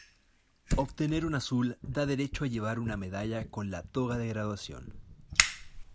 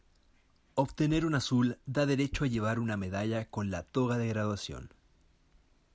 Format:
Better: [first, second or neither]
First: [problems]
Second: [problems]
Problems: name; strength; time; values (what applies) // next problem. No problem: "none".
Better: second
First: background sound (Fire); 4 dB below the speech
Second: none